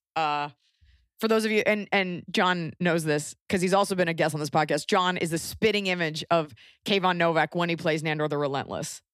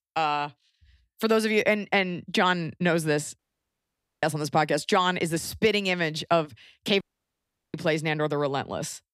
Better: first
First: none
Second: audio cutting out; at 3.5 s for 1 s and at 7 s for 0.5 s

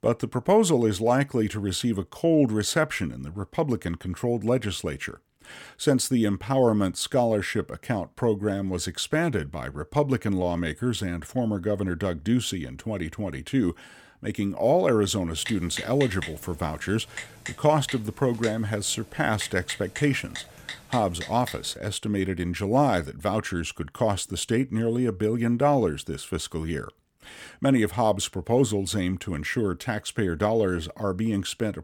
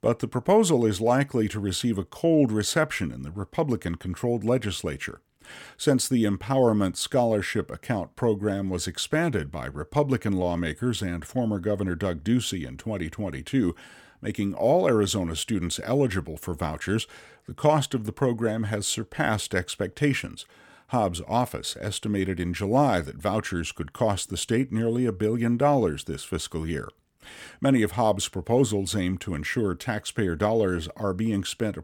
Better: second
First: keyboard typing; noticeable; from 15 to 22 s; peak 8 dB below the speech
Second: none

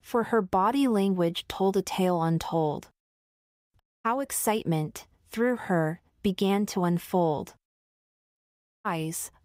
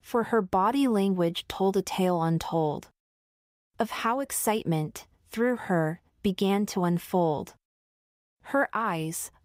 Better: second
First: audio cutting out; at 4 s and at 8.5 s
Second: none

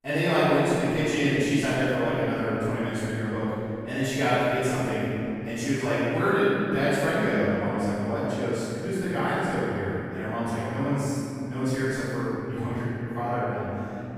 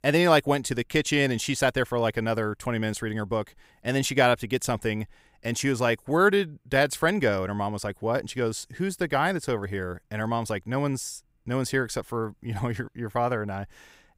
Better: second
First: off-mic speech; far // room echo; strong; dies away in 3 s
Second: none

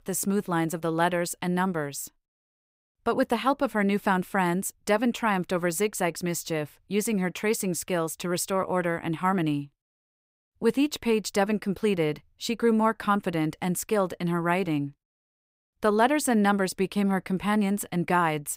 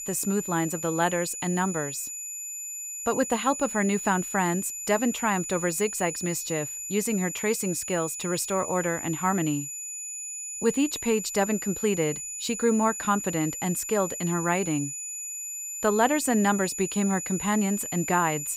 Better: first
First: none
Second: high-pitched whine; loud; throughout; 7 kHz, 6 dB below the speech

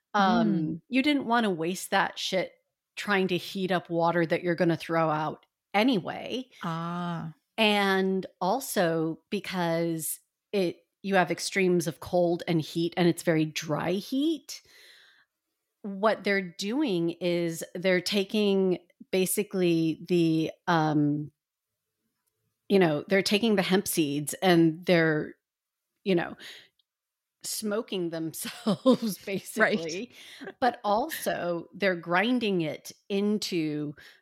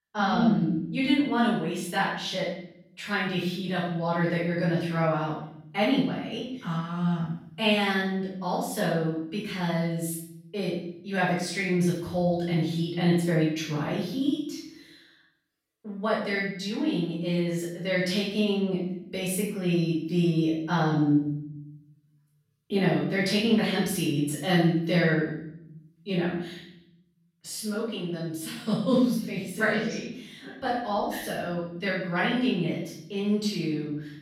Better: first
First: none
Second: room echo; noticeable; dies away in 0.8 s // off-mic speech; far

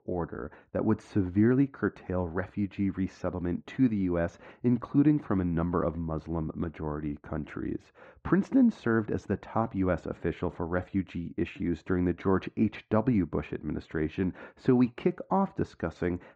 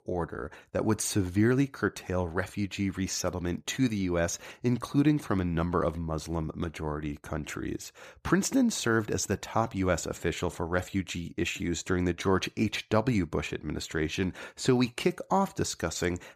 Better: second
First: muffled; very; fading above 1.5 kHz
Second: none

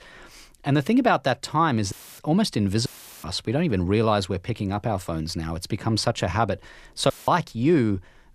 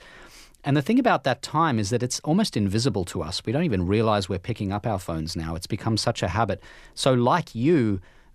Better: second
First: audio cutting out; filled with static; at 2 s, at 3 s and at 7 s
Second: none

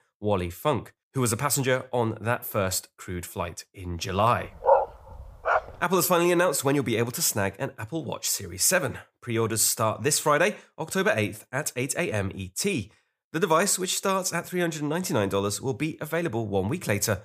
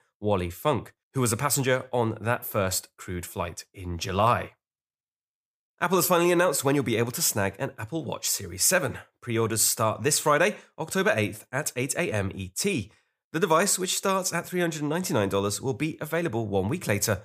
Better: second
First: dog barking; loud; at 4.5 s; peak 4 dB above the speech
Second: none

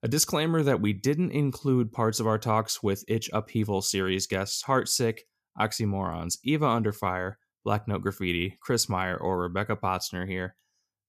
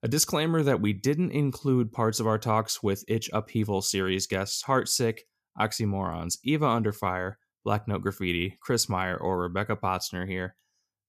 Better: neither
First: none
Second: none

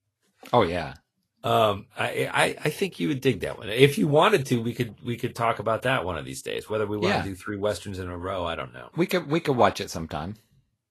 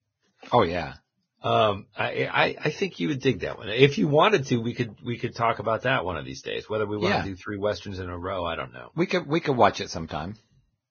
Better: first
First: garbled, watery; slightly; nothing above 12.5 kHz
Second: garbled, watery; badly; nothing above 6.5 kHz

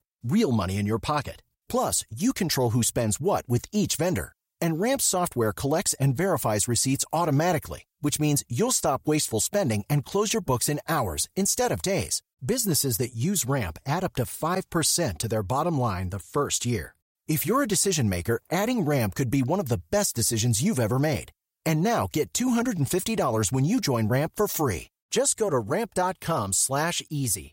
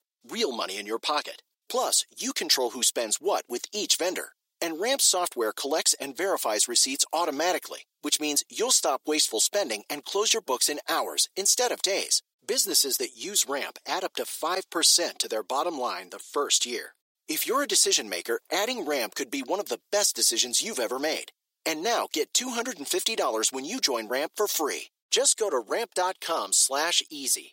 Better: first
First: none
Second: thin; somewhat; fading below 300 Hz

